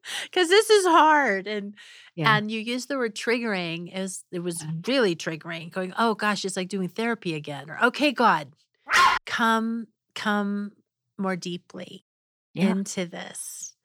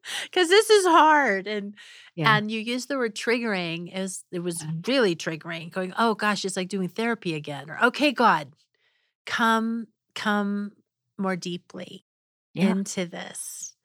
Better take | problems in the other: second | dog barking; loud; at 9 s; peak 6 dB above the speech

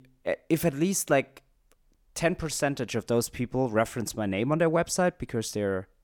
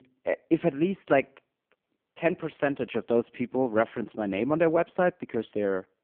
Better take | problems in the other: first | phone-call audio; poor line

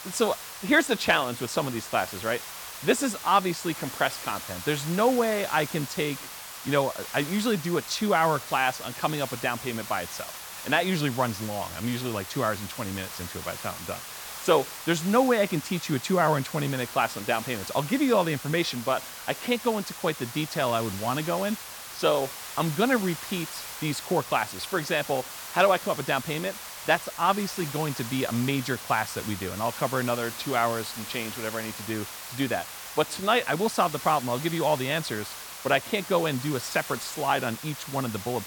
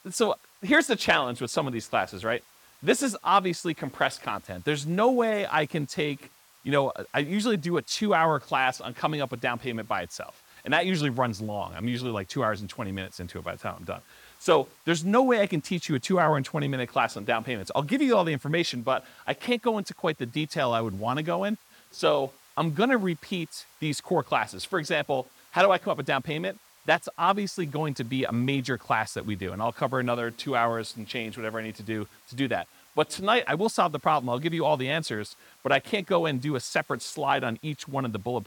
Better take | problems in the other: second | hiss; loud; throughout; 10 dB below the speech; faint in the second

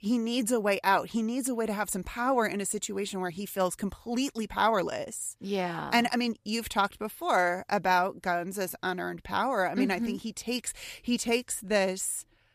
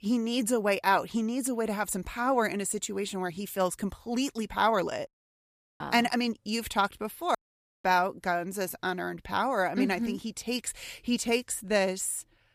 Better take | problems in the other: first | audio cutting out; at 5 s for 0.5 s and at 7.5 s

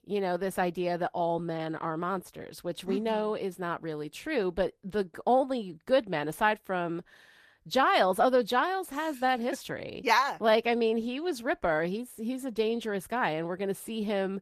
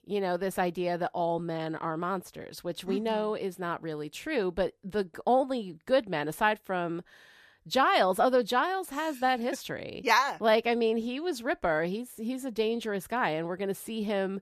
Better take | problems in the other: second | garbled, watery; slightly; nothing above 14.5 kHz

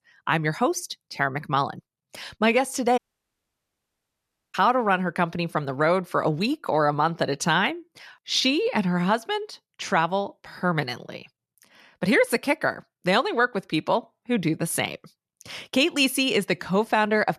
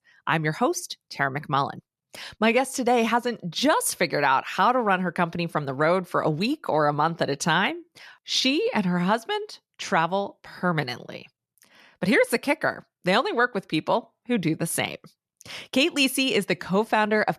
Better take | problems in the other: second | audio cutting out; at 3 s for 1.5 s

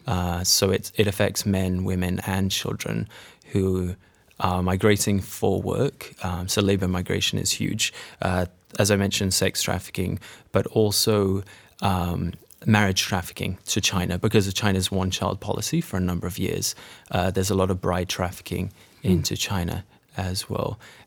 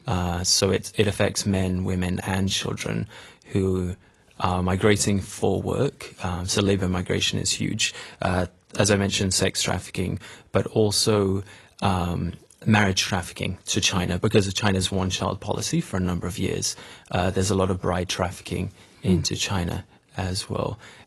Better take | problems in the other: first | garbled, watery; slightly; nothing above 11.5 kHz

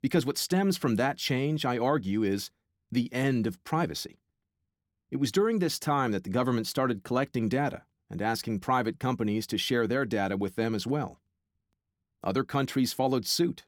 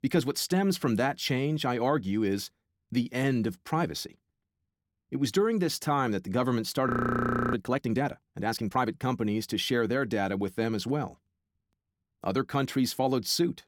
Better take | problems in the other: first | audio freezing; at 7 s for 0.5 s

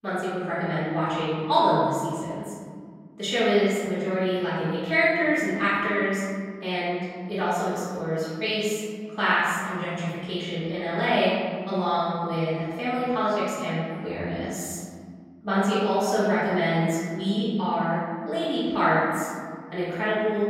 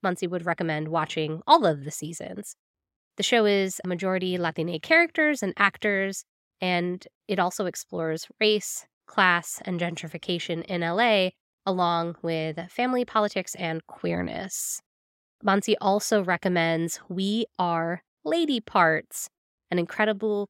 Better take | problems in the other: second | room echo; strong; dies away in 2 s // off-mic speech; far

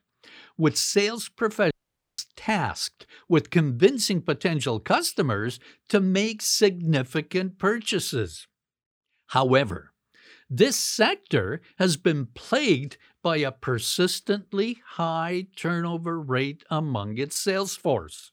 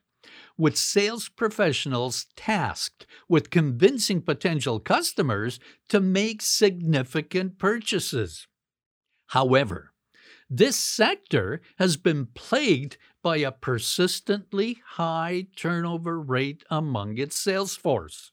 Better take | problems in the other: second | audio cutting out; at 1.5 s

